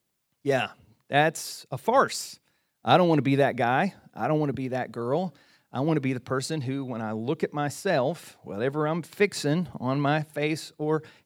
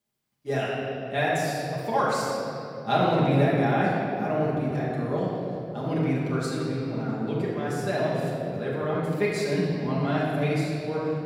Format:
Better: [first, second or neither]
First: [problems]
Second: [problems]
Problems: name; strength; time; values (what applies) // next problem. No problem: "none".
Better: first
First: none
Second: off-mic speech; far // room echo; strong; dies away in 3 s